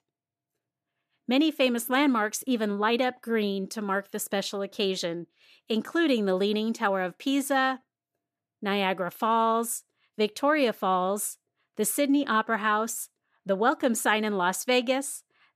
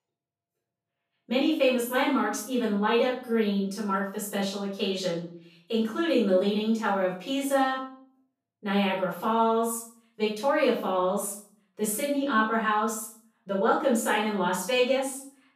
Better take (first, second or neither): first